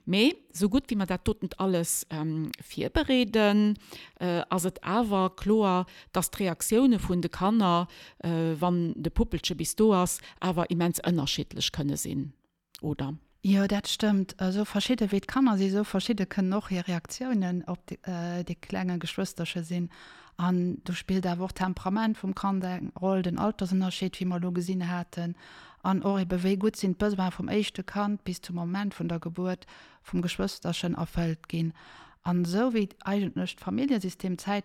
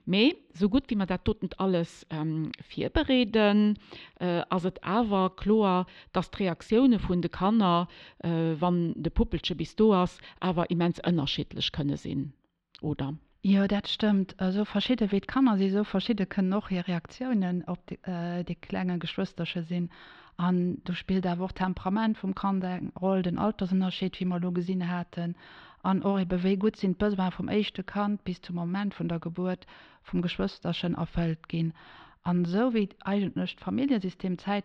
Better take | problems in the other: first | muffled; slightly; fading above 4 kHz

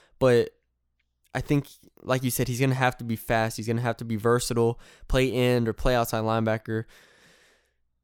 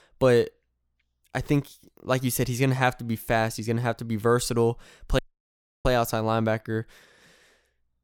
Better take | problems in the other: first | audio cutting out; at 5 s for 0.5 s

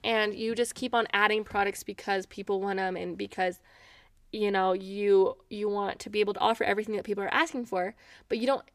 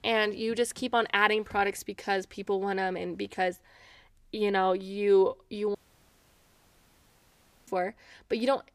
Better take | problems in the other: first | audio cutting out; at 6 s for 2 s

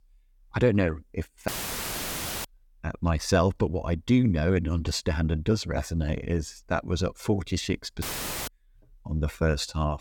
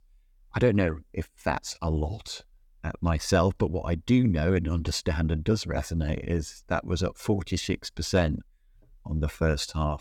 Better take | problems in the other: second | audio cutting out; filled with static; at 1.5 s for 1 s and at 8 s

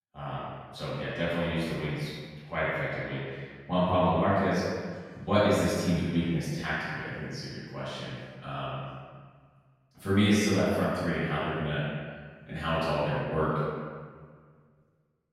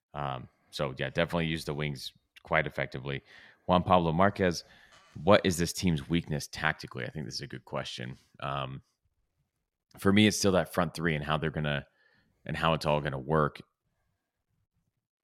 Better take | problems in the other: second | room echo; strong; dies away in 1.5 s // off-mic speech; far

